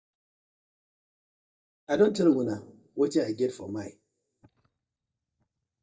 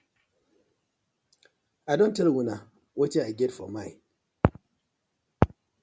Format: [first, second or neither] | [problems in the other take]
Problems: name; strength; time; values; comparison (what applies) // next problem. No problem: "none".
second | noise reduction (neural mask model DeepFilterNet 3)